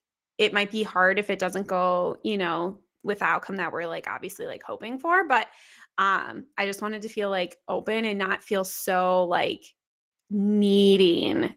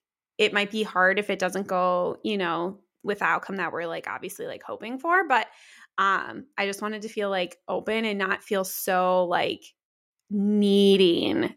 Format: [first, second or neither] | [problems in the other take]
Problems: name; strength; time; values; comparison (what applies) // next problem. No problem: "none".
second | garbled, watery; slightly; nothing above 16 kHz